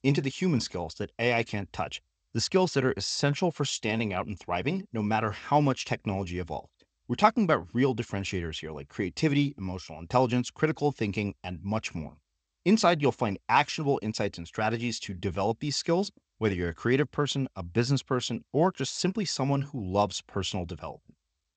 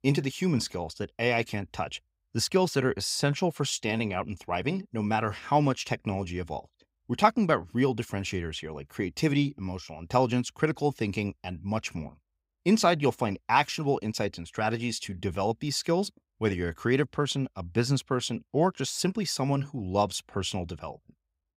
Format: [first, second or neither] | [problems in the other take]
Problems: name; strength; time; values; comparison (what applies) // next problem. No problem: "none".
second | garbled, watery; slightly; nothing above 7.5 kHz